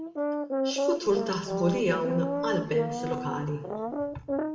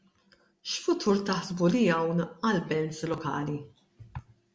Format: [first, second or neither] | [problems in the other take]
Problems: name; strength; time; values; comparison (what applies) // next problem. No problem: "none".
second | background sound (Brass instrument); 1 dB below the speech // room echo; dies away in 1.2 s